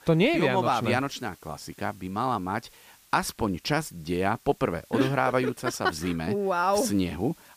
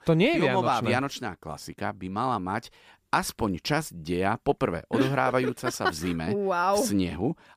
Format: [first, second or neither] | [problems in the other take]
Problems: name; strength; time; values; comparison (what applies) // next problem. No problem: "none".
second | hiss; faint; throughout; 30 dB below the speech